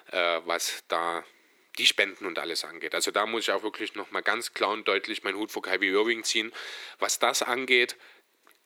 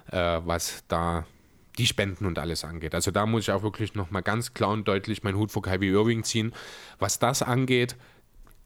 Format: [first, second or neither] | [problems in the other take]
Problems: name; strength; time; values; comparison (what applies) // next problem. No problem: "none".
second | thin; very; fading below 350 Hz